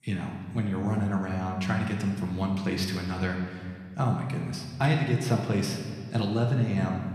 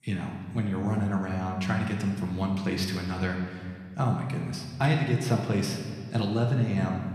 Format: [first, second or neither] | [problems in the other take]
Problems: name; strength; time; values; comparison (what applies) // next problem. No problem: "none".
neither | room echo; noticeable; dies away in 1.5 s; the same in both // off-mic speech; somewhat distant; the same in both